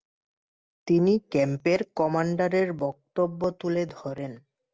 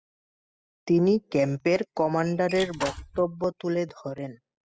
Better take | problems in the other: first | noise reduction (classical method spectral subtraction)

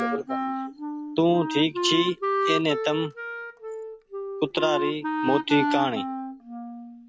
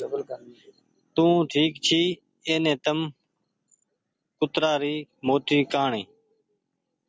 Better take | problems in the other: second | background sound (Wind instrument, woodwind instrument); 2 dB below the speech

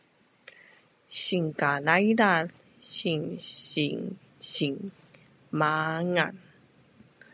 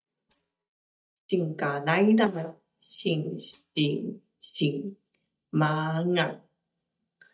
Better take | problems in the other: first | noise reduction (neural mask model DeepFilterNet 3)

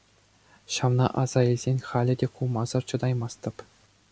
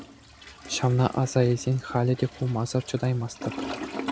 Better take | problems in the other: first | background sound (Toilet flush); 12 dB below the speech

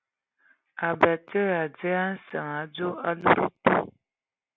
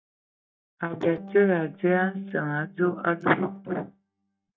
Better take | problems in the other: first | noise reduction (neural mask model DeepFilterNet 3)

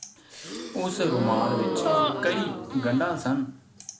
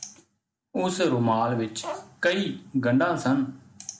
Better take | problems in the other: second | background sound (Gasp); 1 dB below the speech

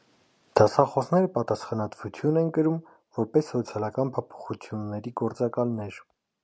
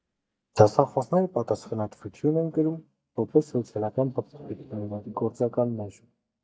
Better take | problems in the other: first | noise reduction (neural mask model DeepFilterNet 3)

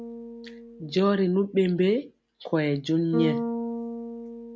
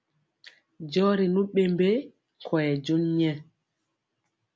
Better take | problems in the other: second | background sound (Bass guitar); 8 dB below the speech

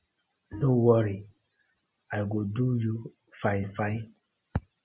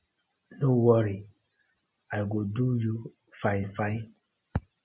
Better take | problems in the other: second | background sound (Bowed string instrument); 16 dB below the speech

